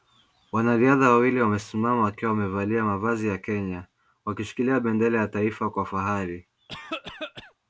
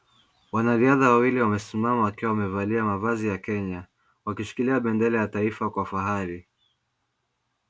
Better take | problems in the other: second | background sound (Cough); 12 dB below the speech

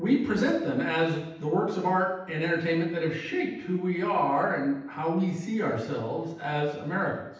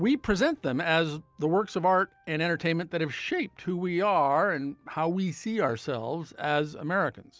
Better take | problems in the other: second | room echo; dies away in 0.9 s

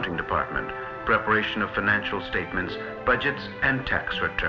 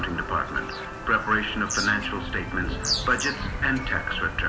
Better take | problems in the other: first | background sound (Bird vocalization, bird call, bird song); 6 dB below the speech // room echo; dies away in 1.4 s

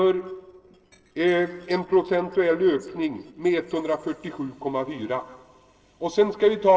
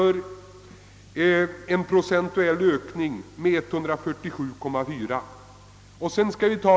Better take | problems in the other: second | noise reduction (neural separator model SepFormer DNS4)

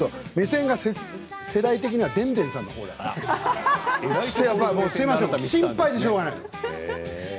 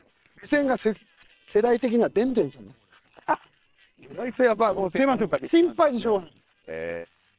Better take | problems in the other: first | noise reduction (neural separator model SepFormer WHAM!)

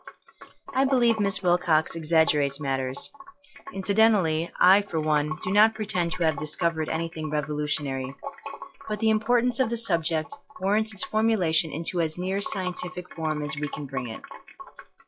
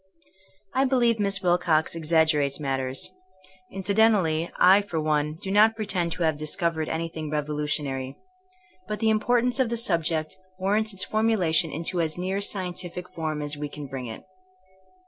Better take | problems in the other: second | noise reduction (classical method log-MMSE)

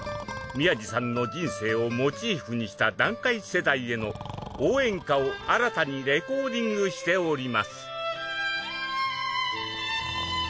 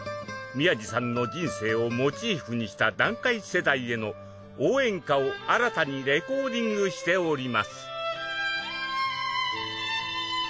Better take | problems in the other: second | background sound (Breathing); 19 dB below the speech

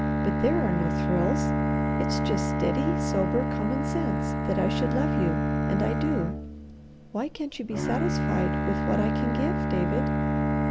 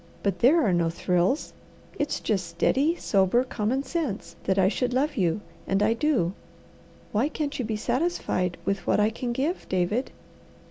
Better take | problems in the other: second | background sound (Bowed string instrument); 4 dB above the speech

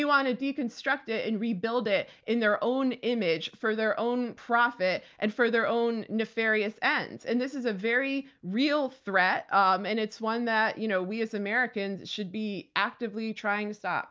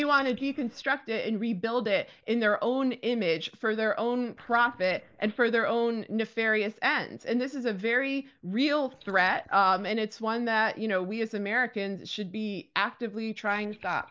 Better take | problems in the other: first | noise reduction (neural mask model Resemble Enhance denoiser)

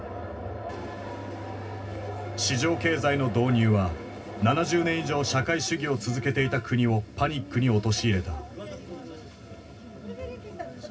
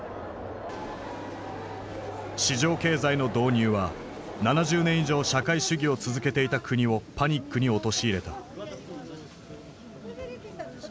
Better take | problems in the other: second | room echo; dies away in 0.4 s

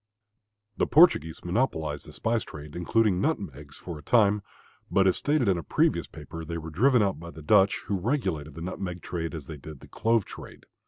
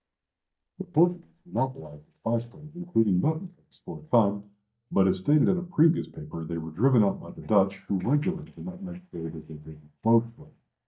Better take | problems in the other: first | noise reduction (neural mask model DeepFilterNet 3)

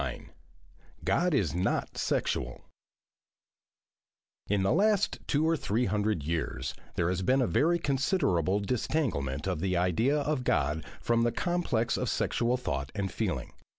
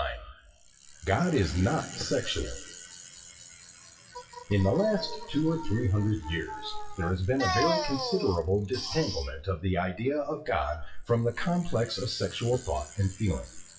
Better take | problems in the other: first | noise reduction (classical method WPE with log-MMSE)

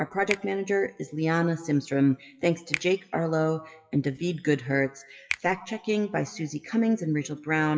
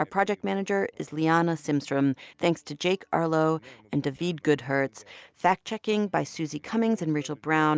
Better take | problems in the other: second | noise reduction (classical method WPE with log-MMSE)

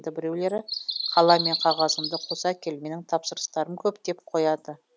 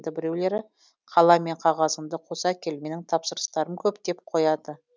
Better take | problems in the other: second | background sound (Bird vocalization, bird call, bird song); 8 dB below the speech

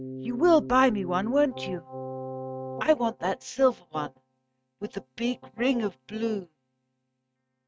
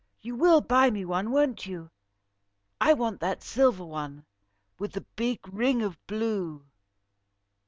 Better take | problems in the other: second | noise reduction (neural mask model RNNoise)

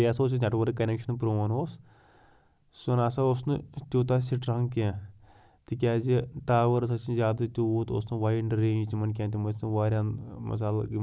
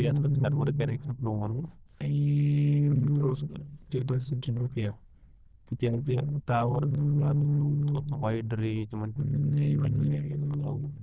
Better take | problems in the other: first | noise reduction (neural diffusion model UNIVERSE++)

